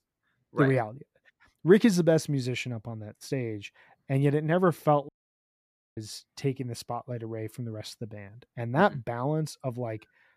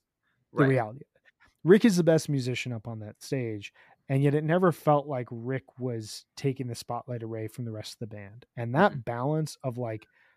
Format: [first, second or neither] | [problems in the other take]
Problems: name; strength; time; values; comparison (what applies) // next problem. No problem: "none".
second | audio cutting out; at 5 s for 1 s